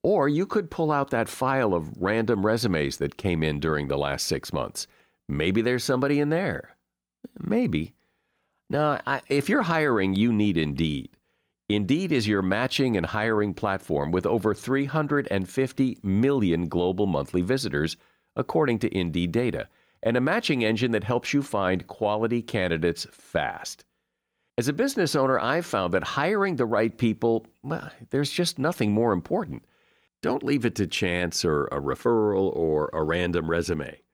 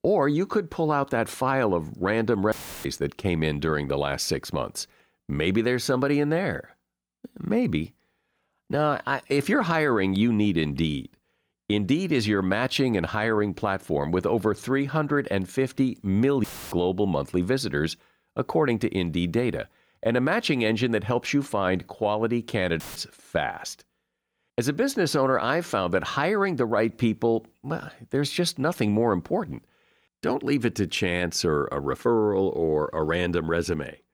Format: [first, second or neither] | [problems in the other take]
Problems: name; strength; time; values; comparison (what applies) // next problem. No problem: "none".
first | audio cutting out; filled with static; at 2.5 s, at 16 s and at 23 s